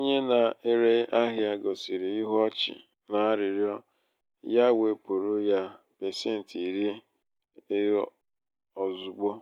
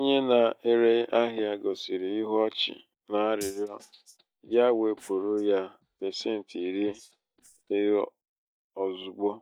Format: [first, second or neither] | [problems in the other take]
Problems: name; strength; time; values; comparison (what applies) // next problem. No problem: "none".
first | noise reduction (neural mask model DeepFilterNet 3)